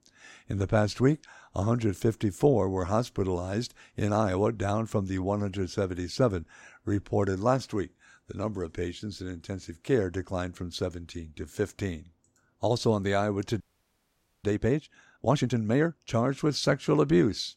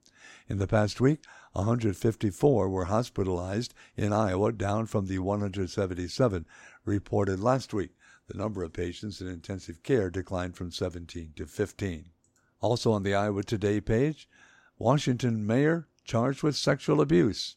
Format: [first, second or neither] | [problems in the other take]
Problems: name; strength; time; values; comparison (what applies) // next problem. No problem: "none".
second | audio freezing; at 14 s for 1 s